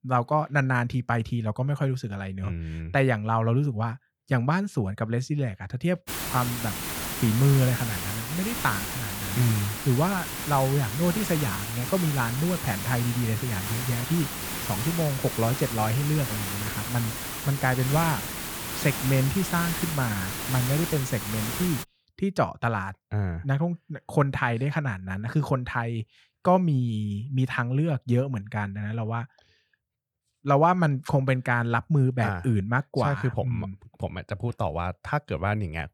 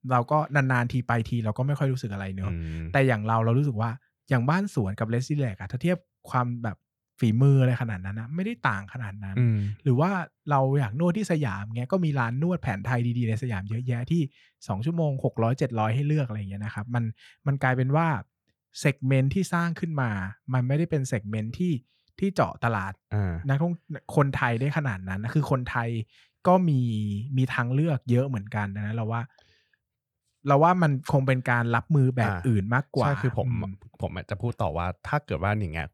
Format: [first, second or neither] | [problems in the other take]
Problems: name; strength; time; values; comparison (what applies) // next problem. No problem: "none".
second | hiss; loud; from 6 to 22 s; 4 dB below the speech